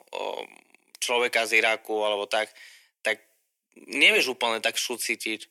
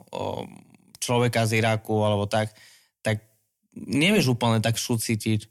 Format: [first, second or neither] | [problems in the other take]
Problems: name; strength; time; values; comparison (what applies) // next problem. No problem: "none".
second | thin; very; fading below 350 Hz